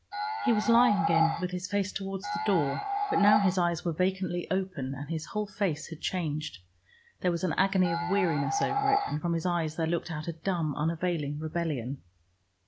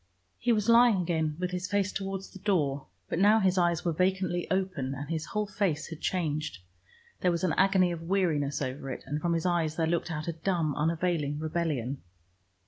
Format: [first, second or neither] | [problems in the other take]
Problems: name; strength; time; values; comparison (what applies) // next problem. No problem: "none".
second | background sound (Animal); 1 dB below the speech